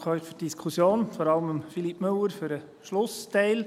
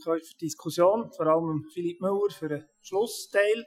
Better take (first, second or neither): first